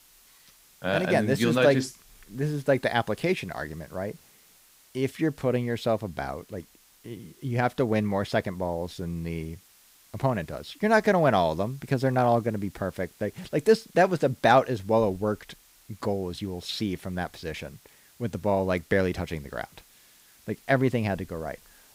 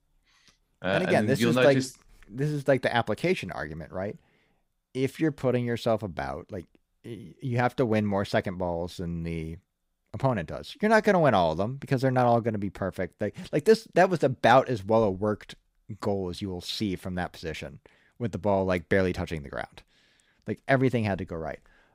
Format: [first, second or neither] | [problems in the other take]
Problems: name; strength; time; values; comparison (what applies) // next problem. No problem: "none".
second | hiss; faint; throughout; 30 dB below the speech